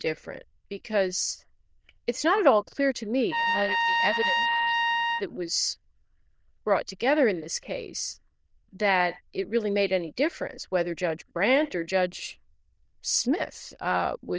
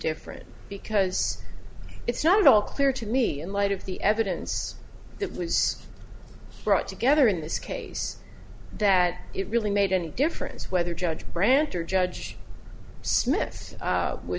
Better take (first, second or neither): second